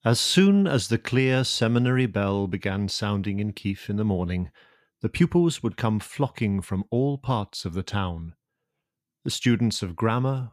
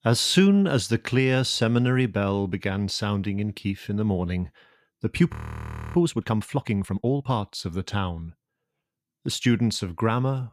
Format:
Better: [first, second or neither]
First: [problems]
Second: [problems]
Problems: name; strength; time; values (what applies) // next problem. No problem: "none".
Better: first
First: none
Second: audio freezing; at 5.5 s for 0.5 s